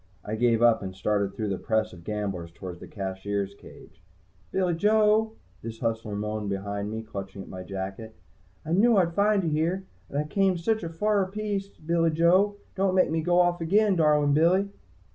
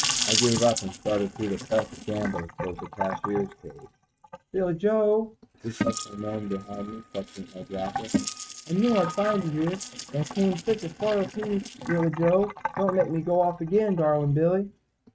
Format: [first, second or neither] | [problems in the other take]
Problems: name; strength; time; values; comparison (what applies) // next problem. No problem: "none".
first | noise reduction (neural mask model RNNoise)